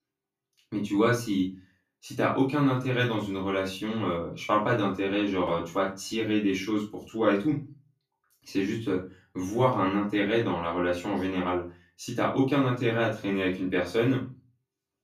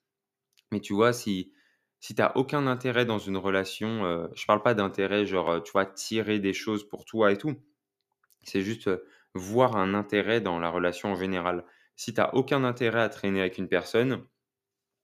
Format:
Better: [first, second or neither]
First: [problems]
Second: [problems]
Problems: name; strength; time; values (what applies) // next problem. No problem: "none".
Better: second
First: off-mic speech; far // room echo; slight; dies away in 0.3 s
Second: none